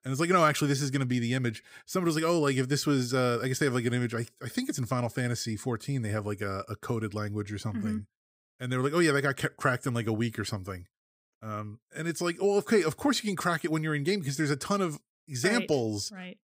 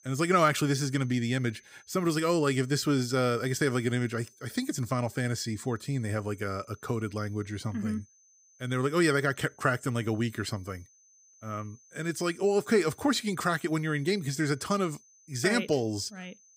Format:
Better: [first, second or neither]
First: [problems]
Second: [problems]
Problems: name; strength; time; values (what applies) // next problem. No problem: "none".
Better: first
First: none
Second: high-pitched whine; faint; throughout; 6 kHz, 30 dB below the speech